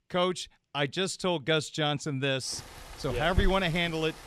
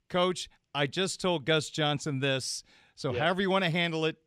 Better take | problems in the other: second | rain or running water; loud; from 2.5 s on; 9 dB below the speech

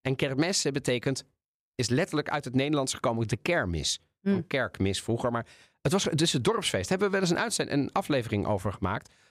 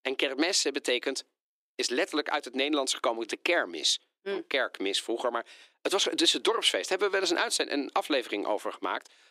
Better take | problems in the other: first | thin; somewhat; fading below 300 Hz

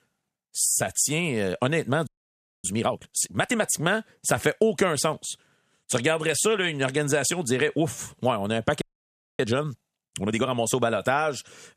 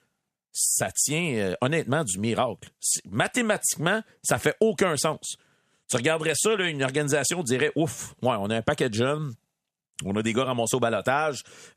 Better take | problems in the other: second | audio freezing; at 2 s for 0.5 s and at 9 s for 0.5 s

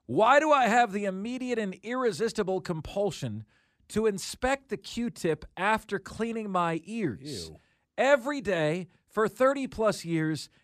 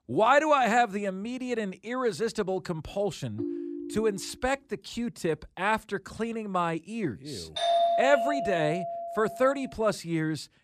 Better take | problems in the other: first | phone ringing; noticeable; at 3.5 s; peak 6 dB below the speech // doorbell; loud; from 7.5 to 9.5 s; peak 4 dB above the speech

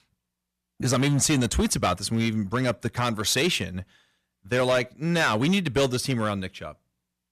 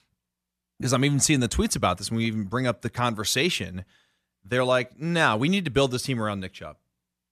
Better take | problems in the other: second | distortion; slight; 6% of the sound clipped

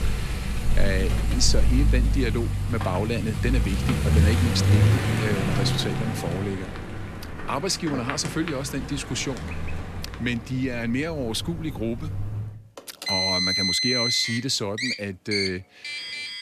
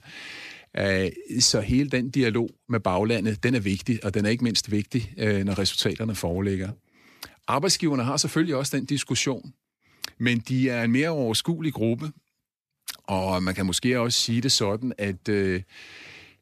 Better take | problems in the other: second | traffic noise; very loud; throughout; 2 dB above the speech

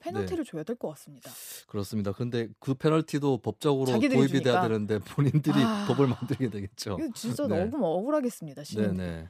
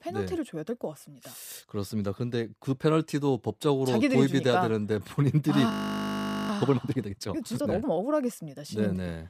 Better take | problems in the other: first | audio freezing; at 5.5 s for 1 s

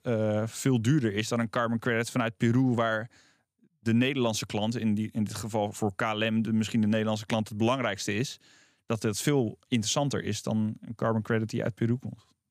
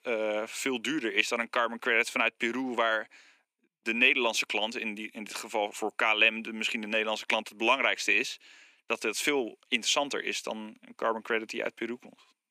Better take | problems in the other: first | thin; somewhat; fading below 300 Hz

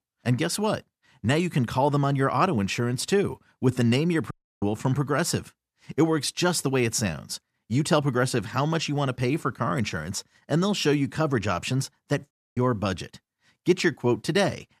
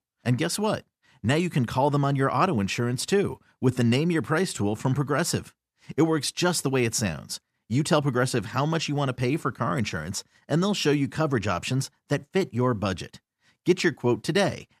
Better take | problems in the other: second | audio cutting out; at 4.5 s and at 12 s

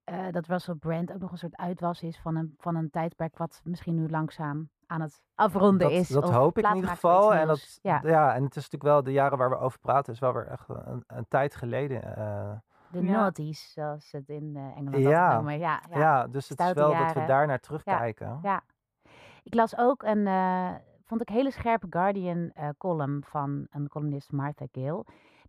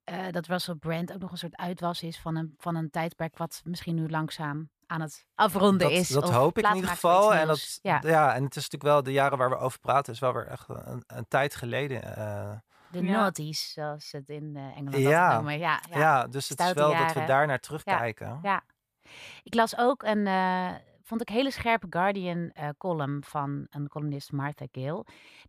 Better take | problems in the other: second | muffled; slightly; fading above 2 kHz

